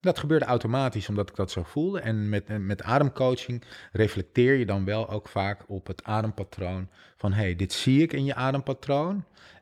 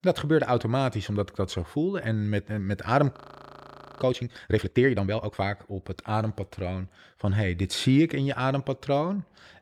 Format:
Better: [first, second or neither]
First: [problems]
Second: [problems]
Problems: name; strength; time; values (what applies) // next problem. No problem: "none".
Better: first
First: none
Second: audio freezing; at 3 s for 1 s